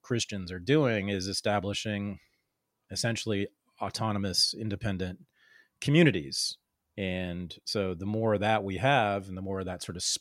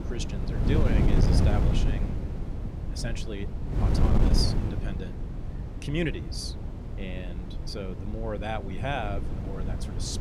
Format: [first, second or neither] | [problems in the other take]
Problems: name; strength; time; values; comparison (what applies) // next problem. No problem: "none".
first | wind noise on the microphone; heavy; 3 dB below the speech